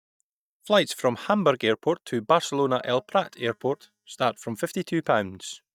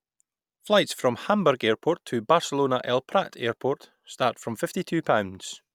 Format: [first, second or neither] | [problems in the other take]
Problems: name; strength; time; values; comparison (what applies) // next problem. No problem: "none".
second | noise reduction (neural mask model DeepFilterNet 3)